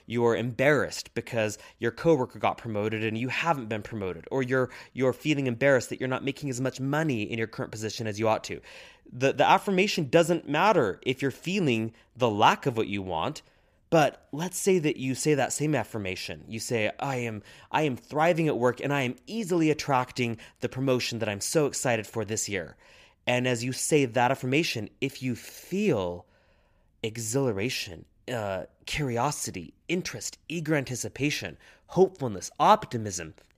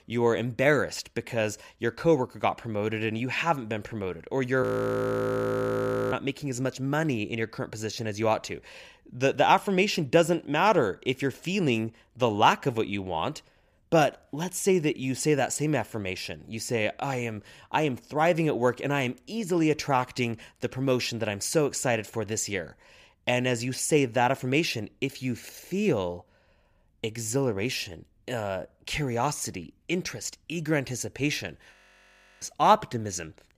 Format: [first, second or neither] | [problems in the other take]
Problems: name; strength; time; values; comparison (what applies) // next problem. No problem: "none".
first | audio freezing; at 4.5 s for 1.5 s and at 32 s for 0.5 s